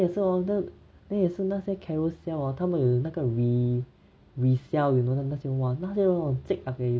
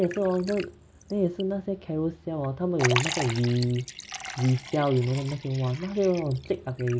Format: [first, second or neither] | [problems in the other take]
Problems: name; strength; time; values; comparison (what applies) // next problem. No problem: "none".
first | background sound (Liquid); 11 dB below the speech